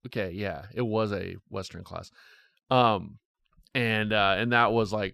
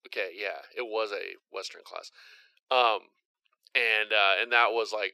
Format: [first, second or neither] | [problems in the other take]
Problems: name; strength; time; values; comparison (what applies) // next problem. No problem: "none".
first | thin; very; fading below 400 Hz